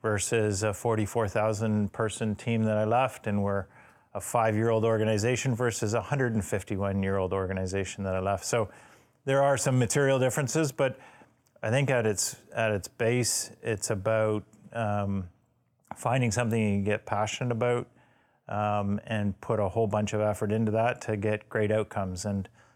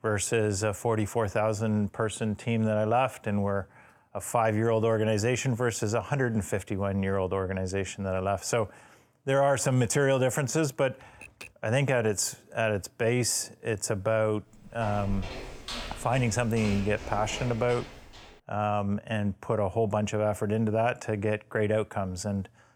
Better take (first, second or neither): first